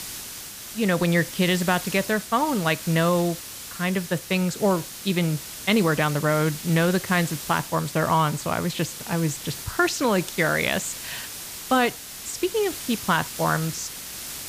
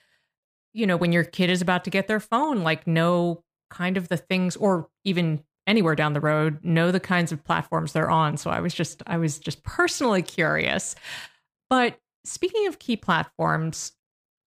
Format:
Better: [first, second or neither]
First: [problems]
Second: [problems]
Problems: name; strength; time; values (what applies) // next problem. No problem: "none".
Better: second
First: hiss; loud; throughout; 10 dB below the speech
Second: none